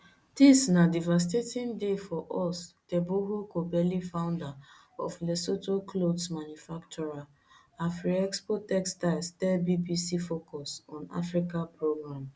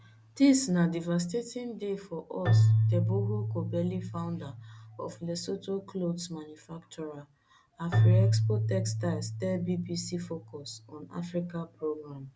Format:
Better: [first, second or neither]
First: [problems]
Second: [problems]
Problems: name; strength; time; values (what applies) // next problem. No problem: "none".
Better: first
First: none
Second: background sound (Keyboard (musical)); 1 dB above the speech